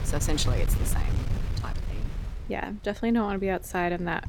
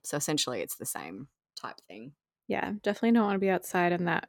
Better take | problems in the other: second | wind noise on the microphone; occasional gusts; 10 dB below the speech

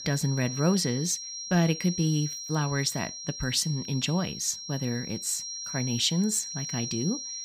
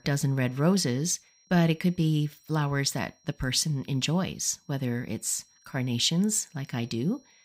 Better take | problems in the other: second | high-pitched whine; loud; throughout; 5.5 kHz, 7 dB below the speech; faint in the second

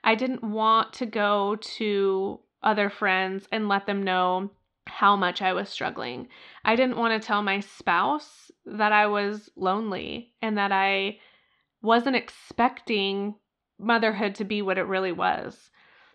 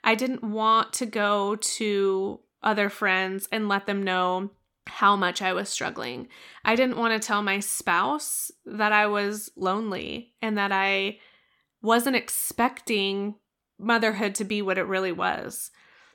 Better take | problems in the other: second | muffled; very slightly; fading above 4 kHz

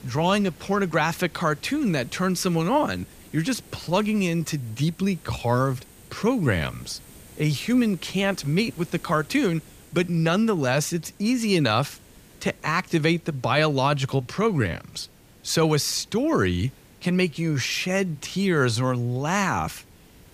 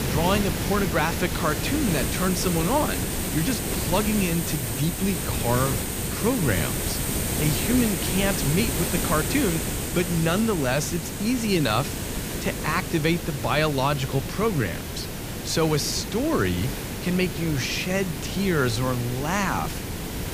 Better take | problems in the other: first | hiss; loud; throughout; 3 dB below the speech; faint in the first

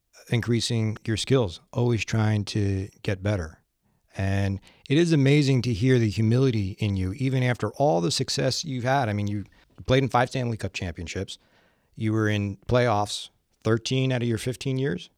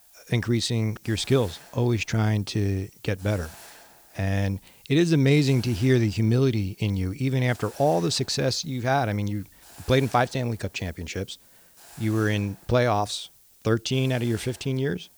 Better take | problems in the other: first | hiss; faint; throughout; 25 dB below the speech

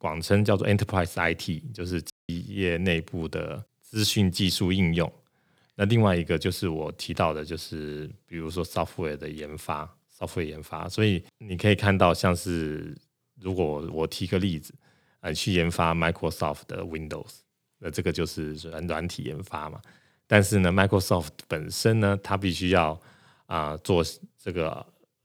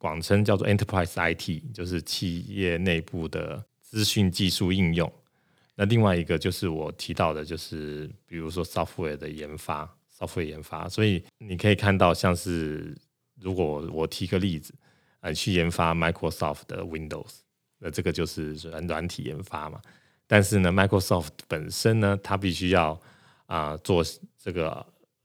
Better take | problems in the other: second | audio cutting out; at 2 s

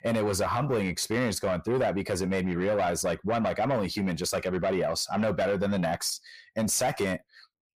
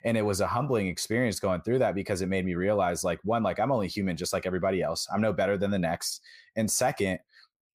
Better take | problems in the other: second | distortion; slight; 10 dB below the speech

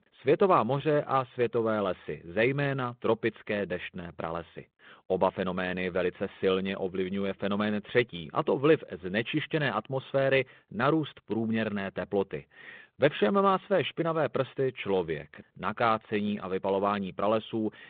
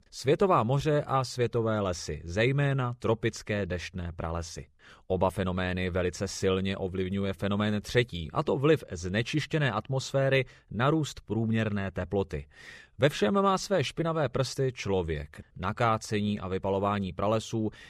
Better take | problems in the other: second | phone-call audio; nothing above 3.5 kHz

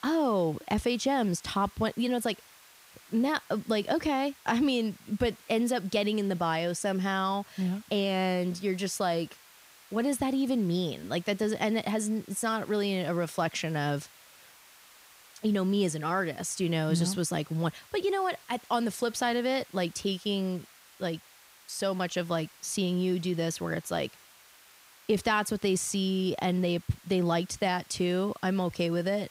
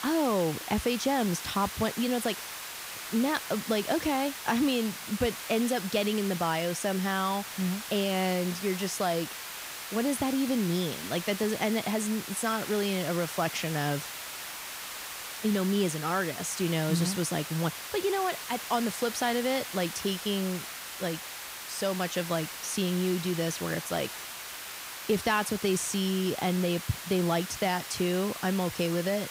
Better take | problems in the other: first | hiss; loud; throughout; 8 dB below the speech; faint in the first

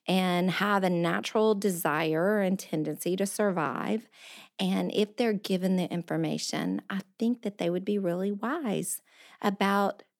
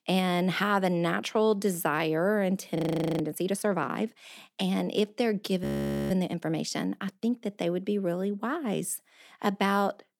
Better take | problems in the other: first | audio freezing; at 3 s and at 5.5 s

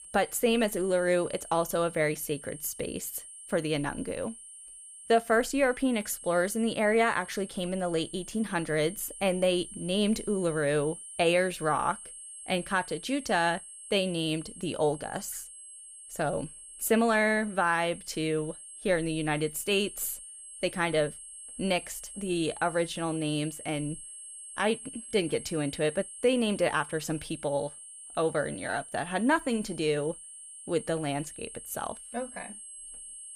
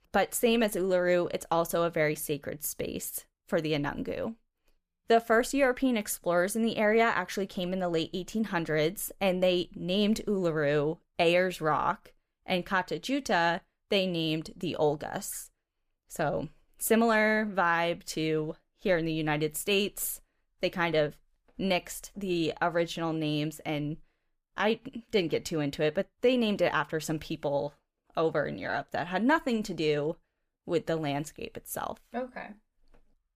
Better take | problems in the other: second | high-pitched whine; noticeable; throughout; 8.5 kHz, 15 dB below the speech

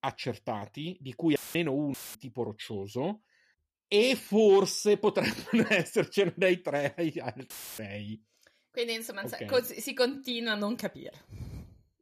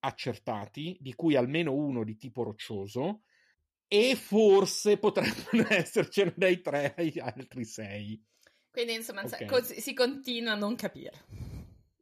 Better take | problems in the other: second | audio cutting out; filled with static; at 1.5 s, at 2 s and at 7.5 s

